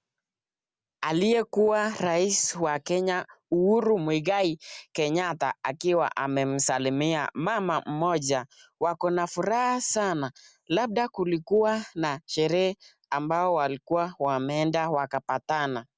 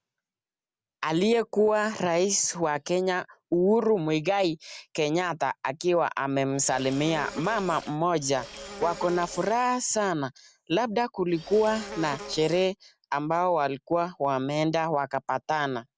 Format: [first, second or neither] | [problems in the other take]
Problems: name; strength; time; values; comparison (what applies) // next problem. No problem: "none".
first | background sound (Insect); 14 dB below the speech